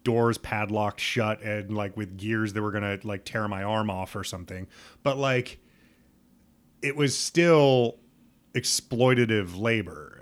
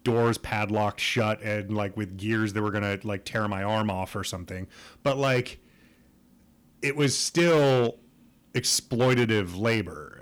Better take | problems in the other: first | distortion; slight; 4% of the sound clipped

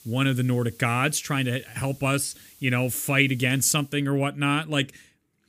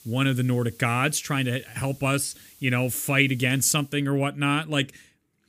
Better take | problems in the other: neither | hiss; faint; until 4 s; 25 dB below the speech; the same in both

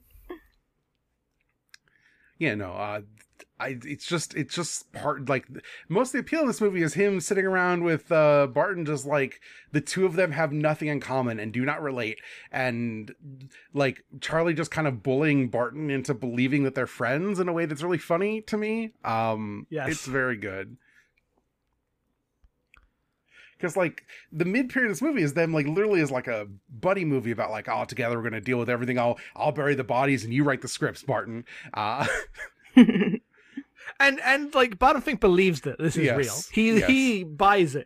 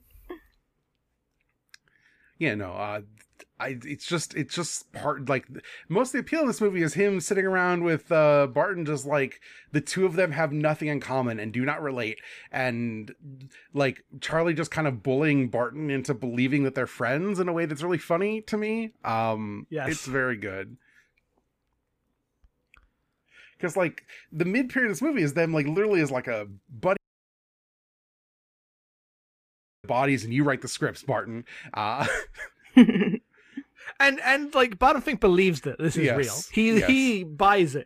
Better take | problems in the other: first | audio cutting out; at 27 s for 3 s

